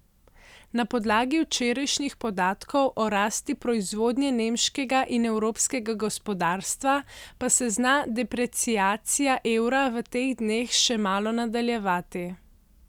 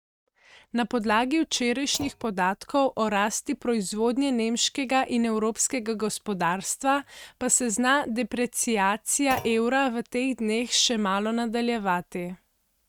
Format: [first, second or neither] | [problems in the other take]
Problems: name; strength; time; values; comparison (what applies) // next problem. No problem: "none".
first | noise reduction (neural mask model RNNoise)